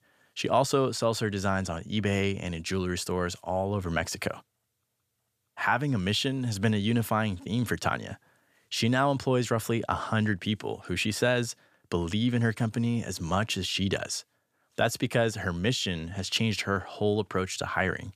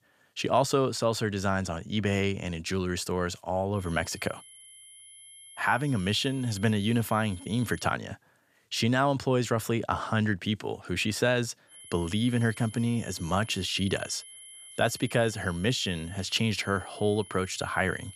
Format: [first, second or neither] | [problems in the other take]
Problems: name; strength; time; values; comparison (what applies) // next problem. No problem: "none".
first | high-pitched whine; noticeable; from 4 to 8 s and from 12 s on; 11 kHz, 20 dB below the speech